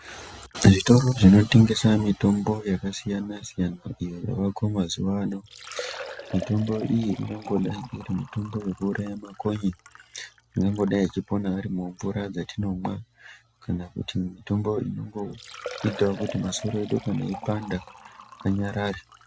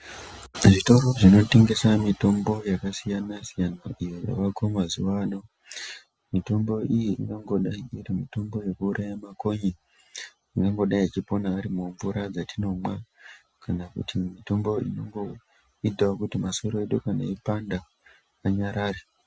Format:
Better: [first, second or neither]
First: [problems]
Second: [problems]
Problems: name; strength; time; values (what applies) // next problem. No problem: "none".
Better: second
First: background sound (Liquid); 19 dB below the speech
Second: none